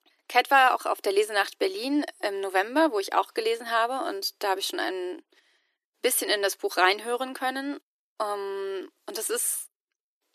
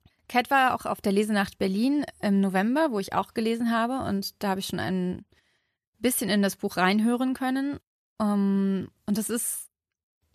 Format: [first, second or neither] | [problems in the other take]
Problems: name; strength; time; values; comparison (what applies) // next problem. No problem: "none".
second | thin; somewhat; fading below 300 Hz